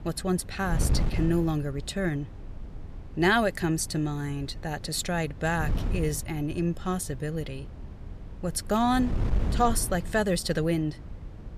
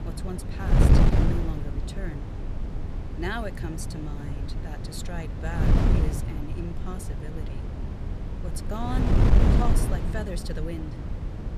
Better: first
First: wind noise on the microphone; occasional gusts; 15 dB below the speech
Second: wind noise on the microphone; heavy; 2 dB above the speech

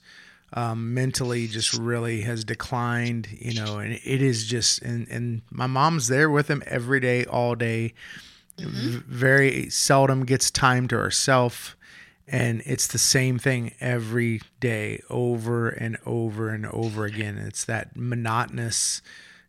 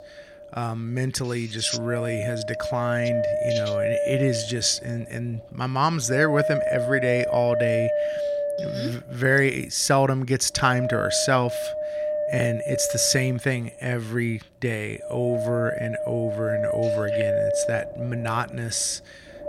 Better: first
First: none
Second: wind noise on the microphone; heavy; as loud as the speech

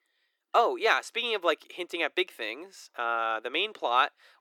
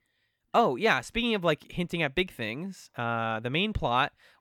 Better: second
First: thin; very; fading below 350 Hz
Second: none

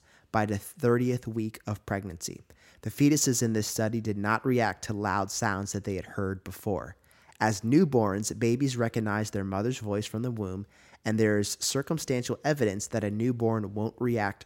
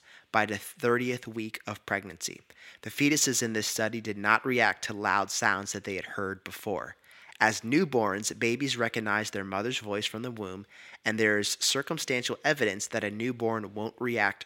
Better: first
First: none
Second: thin; somewhat; fading below 300 Hz

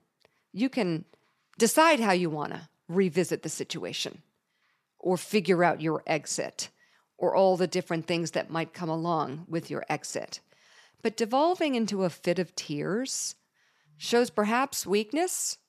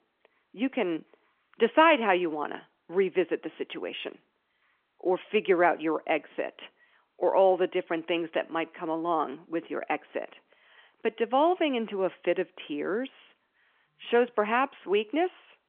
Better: first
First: none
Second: phone-call audio

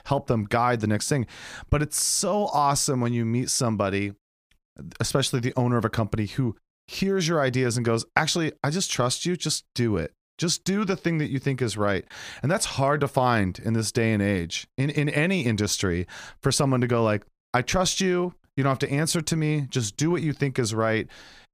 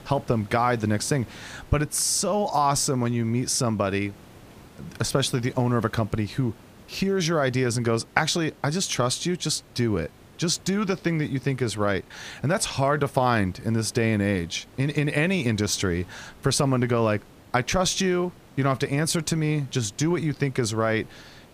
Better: first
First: none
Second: hiss; faint; throughout; 25 dB below the speech

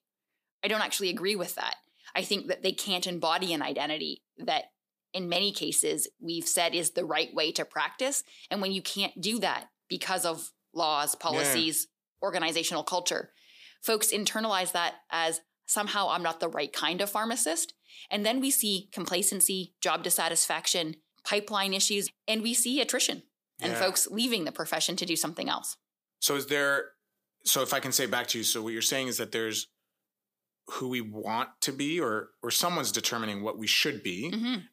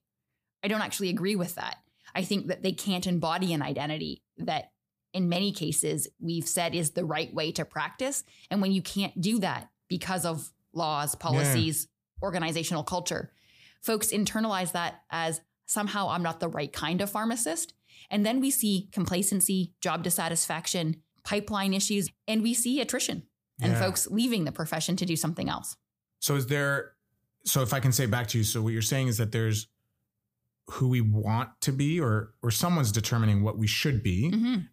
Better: second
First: thin; somewhat; fading below 300 Hz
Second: none

